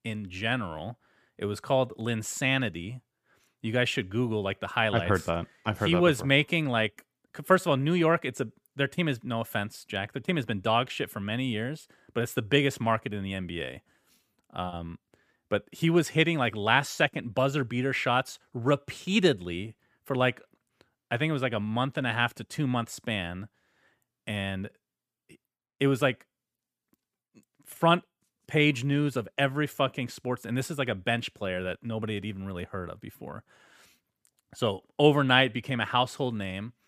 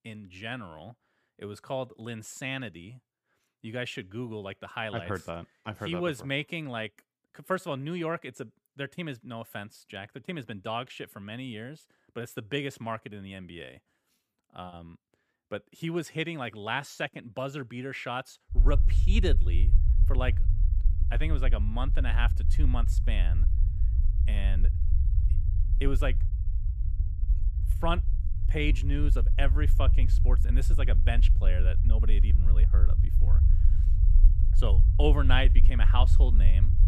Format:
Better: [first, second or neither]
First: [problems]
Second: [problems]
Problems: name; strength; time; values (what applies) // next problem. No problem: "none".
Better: first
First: none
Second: low rumble; noticeable; from 19 s on; 10 dB below the speech